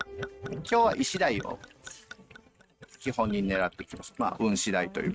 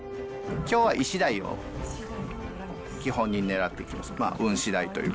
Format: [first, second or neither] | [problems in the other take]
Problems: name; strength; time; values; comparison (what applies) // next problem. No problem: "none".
second | noise reduction (neural mask model RNNoise)